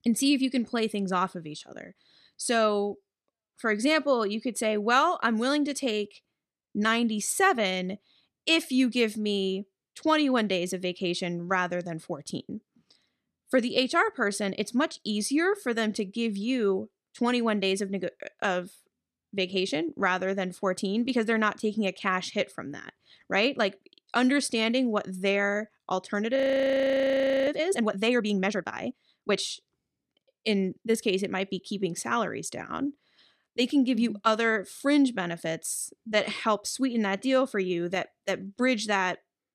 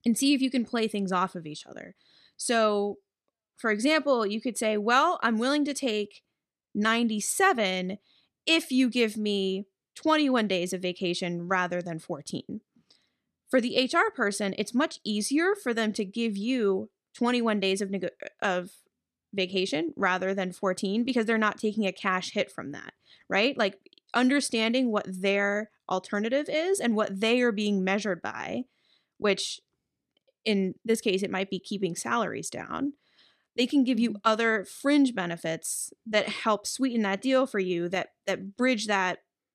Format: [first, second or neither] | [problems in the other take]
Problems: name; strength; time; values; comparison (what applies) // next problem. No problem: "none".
second | audio freezing; at 26 s for 1 s